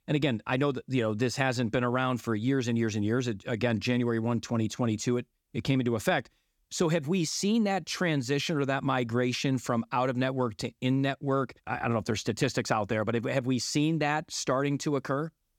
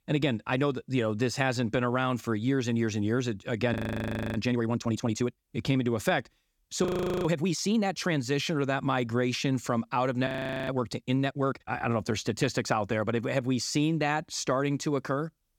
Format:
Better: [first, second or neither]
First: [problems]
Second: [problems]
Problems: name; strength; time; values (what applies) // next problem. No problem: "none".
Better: first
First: none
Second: audio freezing; at 3.5 s for 0.5 s, at 7 s and at 10 s